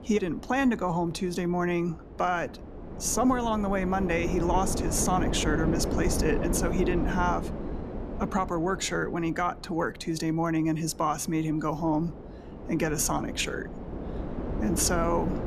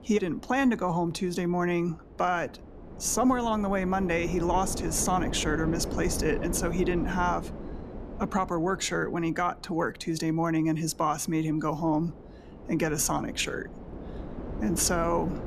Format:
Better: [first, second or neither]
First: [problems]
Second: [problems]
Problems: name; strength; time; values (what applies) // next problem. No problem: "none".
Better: second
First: wind noise on the microphone; heavy; 9 dB below the speech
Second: wind noise on the microphone; occasional gusts; 15 dB below the speech